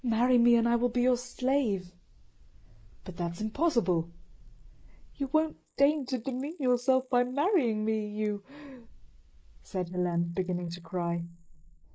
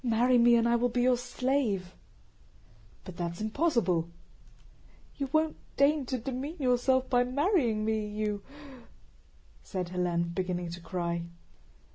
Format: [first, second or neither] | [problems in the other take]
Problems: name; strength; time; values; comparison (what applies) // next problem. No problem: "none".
second | noise reduction (neural mask model Resemble Enhance denoiser)